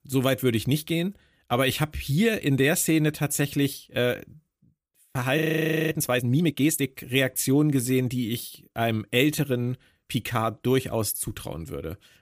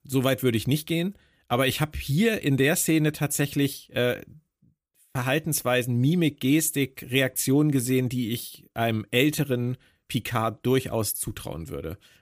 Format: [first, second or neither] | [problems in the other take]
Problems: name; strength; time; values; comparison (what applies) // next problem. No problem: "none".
second | audio freezing; at 5.5 s for 0.5 s